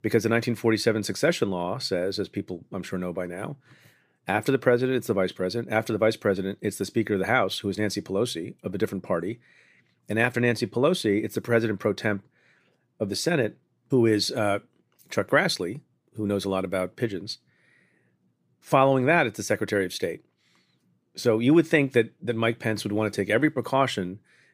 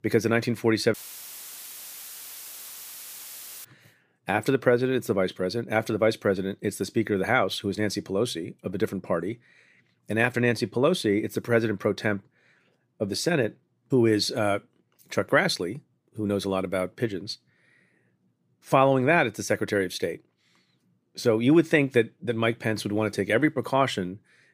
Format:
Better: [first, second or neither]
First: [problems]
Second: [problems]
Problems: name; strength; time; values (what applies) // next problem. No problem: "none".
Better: first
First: none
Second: audio cutting out; filled with static; at 1 s for 2.5 s